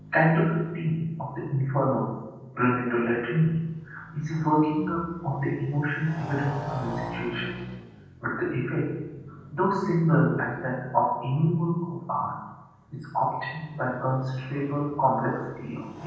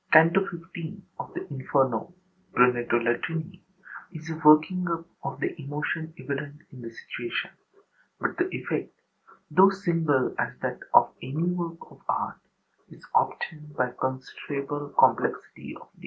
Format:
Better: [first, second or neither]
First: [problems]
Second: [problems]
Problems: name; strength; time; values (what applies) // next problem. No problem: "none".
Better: second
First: background sound (Motorcycle); 16 dB below the speech // room echo; dies away in 1.2 s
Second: none